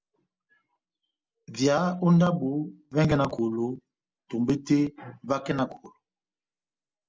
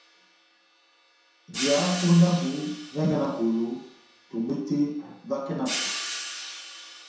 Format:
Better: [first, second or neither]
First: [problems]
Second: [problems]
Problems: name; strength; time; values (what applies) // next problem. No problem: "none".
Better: first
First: none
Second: background sound (Hi-hat); 9 dB below the speech // room echo; dies away in 0.7 s